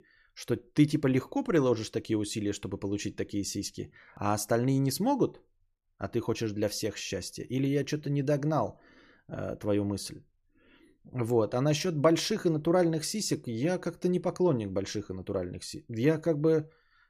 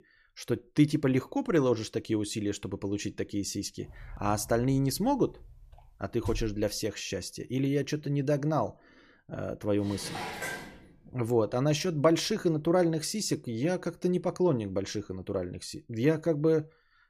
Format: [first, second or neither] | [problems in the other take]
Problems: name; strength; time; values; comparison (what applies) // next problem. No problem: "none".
first | door banging; noticeable; from 4 to 6.5 s; peak 10 dB below the speech // clattering dishes; noticeable; from 10 to 11 s; peak 6 dB below the speech